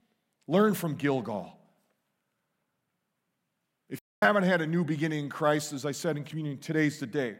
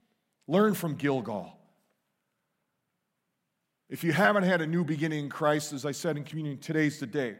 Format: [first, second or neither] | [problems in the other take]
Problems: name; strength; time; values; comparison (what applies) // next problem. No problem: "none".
second | audio cutting out; at 4 s